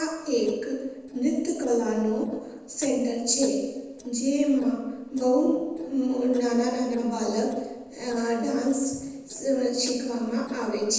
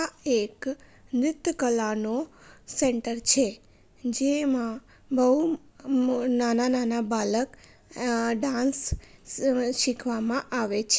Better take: second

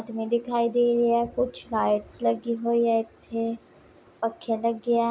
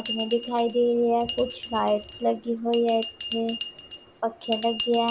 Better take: first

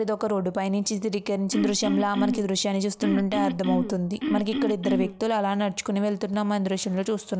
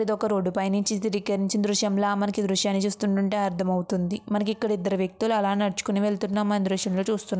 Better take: second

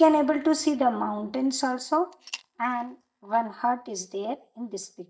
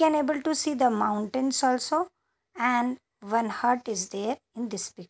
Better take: second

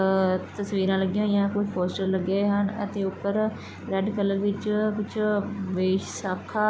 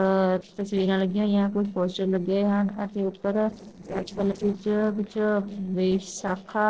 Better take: first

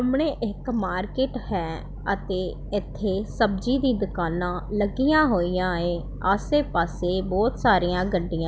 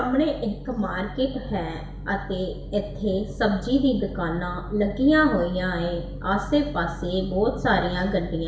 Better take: first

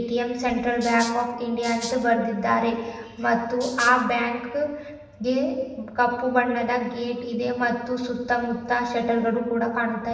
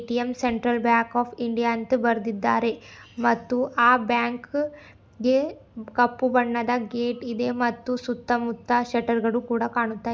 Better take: second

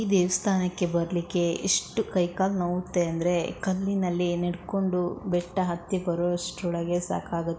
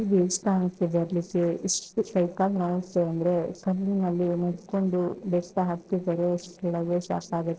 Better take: first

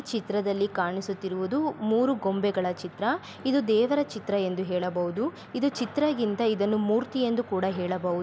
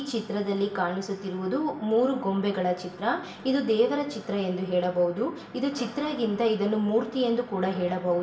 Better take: first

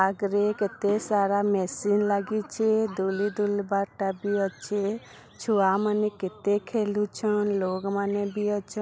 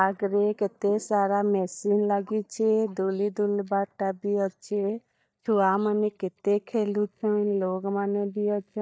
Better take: first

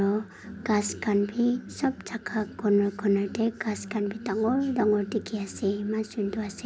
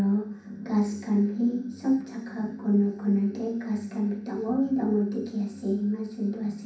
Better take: first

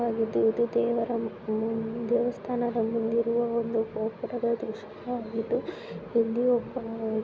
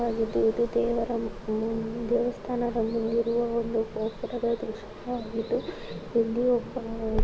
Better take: first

